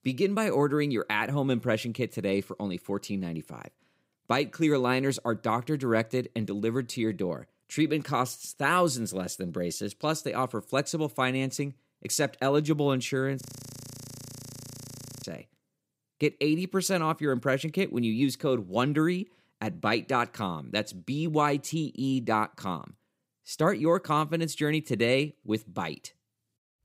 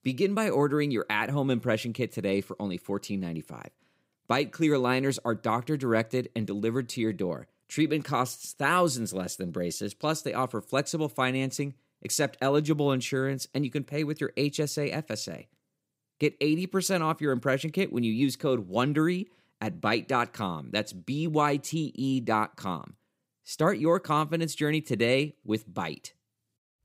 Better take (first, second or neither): second